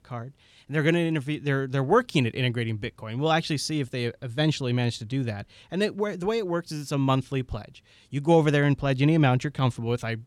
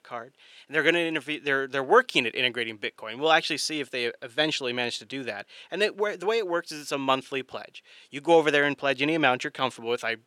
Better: first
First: none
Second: thin; somewhat; fading below 450 Hz

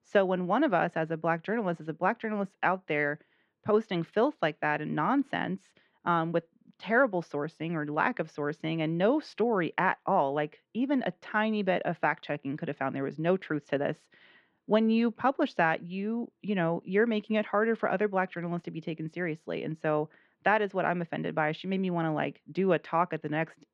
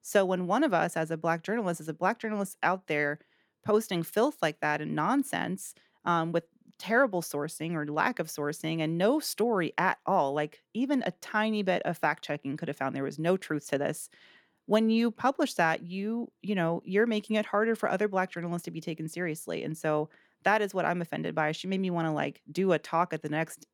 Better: second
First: muffled; slightly; fading above 3 kHz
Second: none

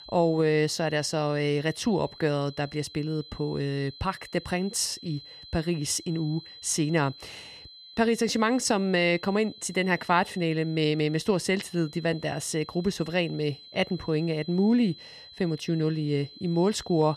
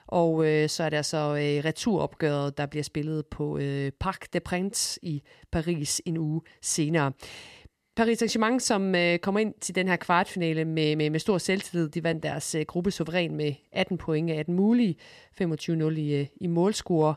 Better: second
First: high-pitched whine; noticeable; throughout; 4 kHz, 20 dB below the speech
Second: none

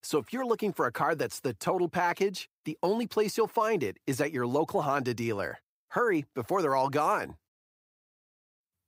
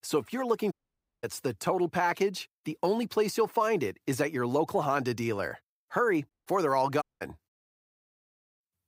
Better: first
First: none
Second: audio cutting out; at 0.5 s for 0.5 s, at 6.5 s and at 7 s

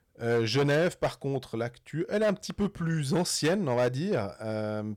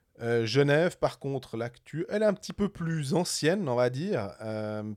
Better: second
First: distortion; slight; 7% of the sound clipped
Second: none

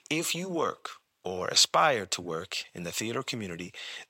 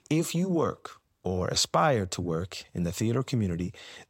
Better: second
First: thin; somewhat; fading below 750 Hz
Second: none

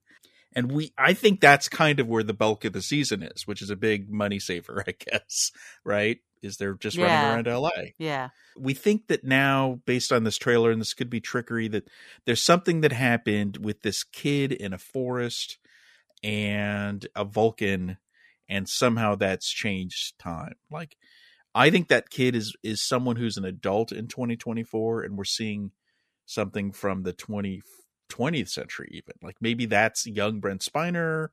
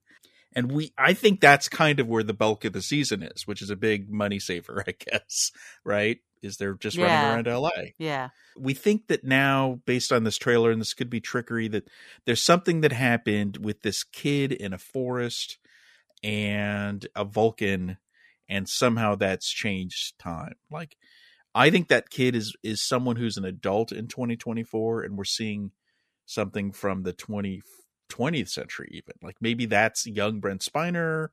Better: neither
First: none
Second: none

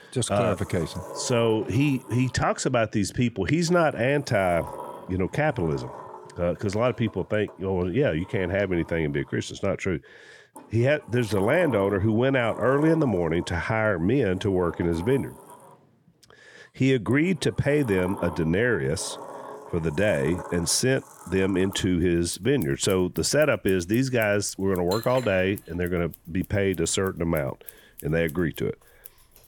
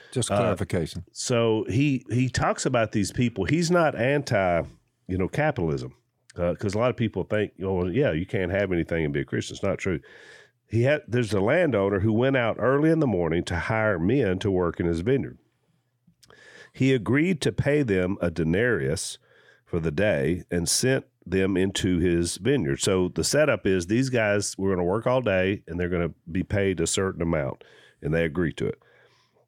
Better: second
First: household noises; noticeable; throughout; 20 dB below the speech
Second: none

